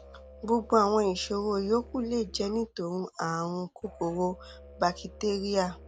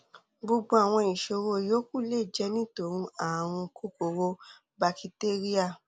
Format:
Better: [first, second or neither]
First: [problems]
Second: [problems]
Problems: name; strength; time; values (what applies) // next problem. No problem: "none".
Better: second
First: background sound (Musical instrument); 20 dB below the speech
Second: none